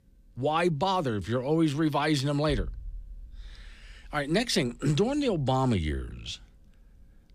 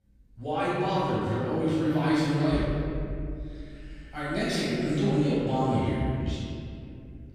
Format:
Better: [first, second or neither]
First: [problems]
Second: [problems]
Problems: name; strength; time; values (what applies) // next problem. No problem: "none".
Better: first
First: none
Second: off-mic speech; far // room echo; strong; dies away in 2.5 s